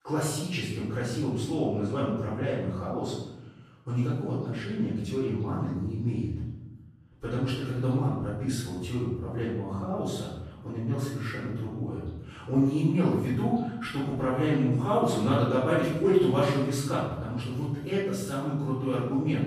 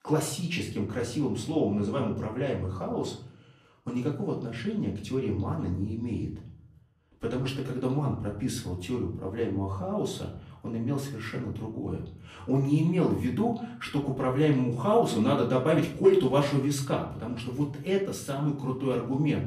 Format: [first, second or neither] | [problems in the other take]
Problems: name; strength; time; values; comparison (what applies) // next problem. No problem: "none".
second | room echo; strong; dies away in 1 s; slight in the second // off-mic speech; far; far in the second